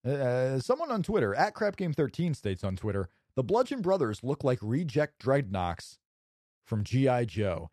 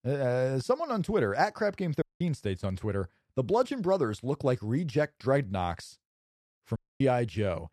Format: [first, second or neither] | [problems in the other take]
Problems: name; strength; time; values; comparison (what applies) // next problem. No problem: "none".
first | audio cutting out; at 2 s and at 7 s